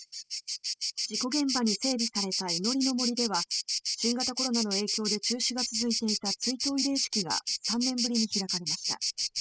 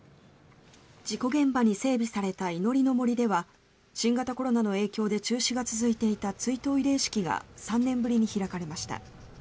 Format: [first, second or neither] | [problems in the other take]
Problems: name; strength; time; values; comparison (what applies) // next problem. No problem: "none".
second | noise reduction (classical method spectral subtraction)